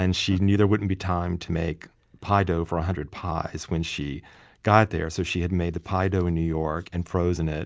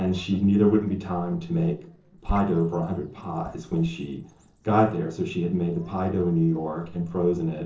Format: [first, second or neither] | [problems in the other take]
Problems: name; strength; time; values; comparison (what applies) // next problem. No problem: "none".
first | noise reduction (neural separator model SepFormer DNS4)